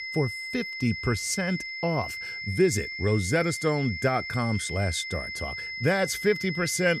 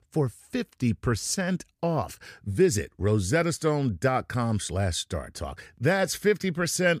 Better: second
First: high-pitched whine; loud; throughout; 2 kHz, 6 dB below the speech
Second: none

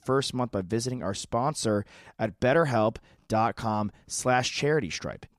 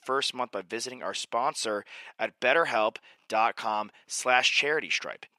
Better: first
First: none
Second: thin; very; fading below 450 Hz

